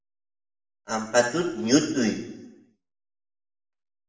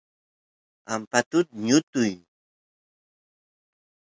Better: second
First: room echo; dies away in 0.8 s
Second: none

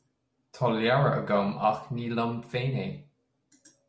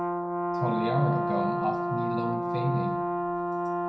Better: first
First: none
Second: background sound (Brass instrument); 3 dB above the speech // room echo; dies away in 0.8 s

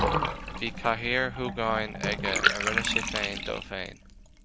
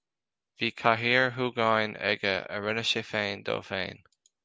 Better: second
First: background sound (Bathtub (filling or washing) / Water); 1 dB above the speech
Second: none

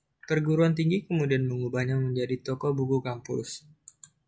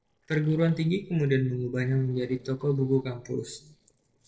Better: first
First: none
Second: noise reduction (neural separator model SepFormer DNS4)

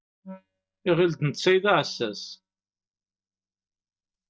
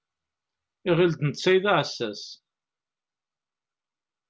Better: second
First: noise reduction (neural mask model DeepFilterNet 3)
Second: none

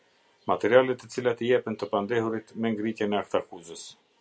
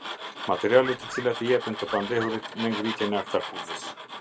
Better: first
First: none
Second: background sound (Bird + Tools); 9 dB below the speech

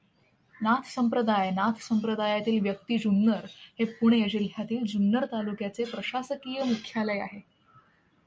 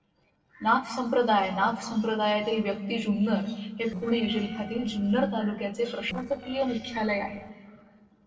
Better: first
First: none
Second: noise reduction (neural separator model SepFormer DNS4)

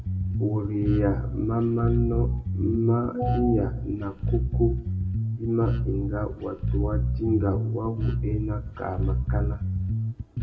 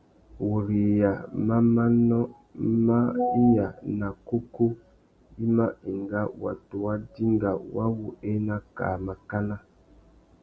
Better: second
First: background sound (Bass guitar); 1 dB above the speech // room echo; dies away in 0.4 s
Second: none

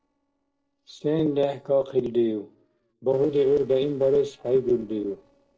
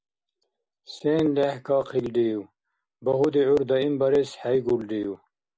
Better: second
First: noise reduction (neural separator model SepFormer DNS4)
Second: none

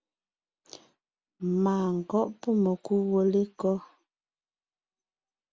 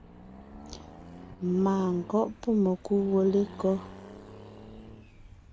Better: first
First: none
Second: background sound (Accelerating, revving, vroom); 16 dB below the speech

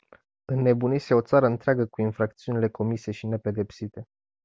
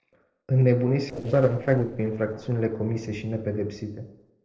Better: first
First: none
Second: noise reduction (neural separator model SepFormer DNS4)

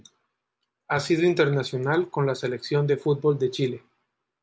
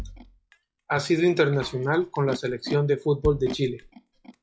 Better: first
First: none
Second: noise reduction (classical method log-MMSE)

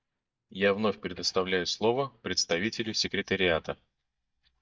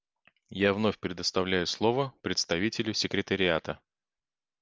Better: second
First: noise reduction (neural mask model DeepFilterNet 3)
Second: none

